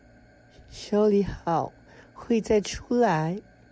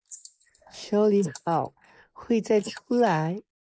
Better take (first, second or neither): first